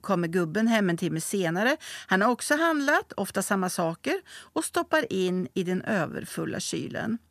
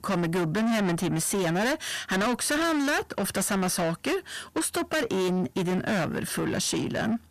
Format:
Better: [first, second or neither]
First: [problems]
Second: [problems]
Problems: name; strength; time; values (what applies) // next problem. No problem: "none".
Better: first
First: none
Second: distortion; heavy; 6 dB below the speech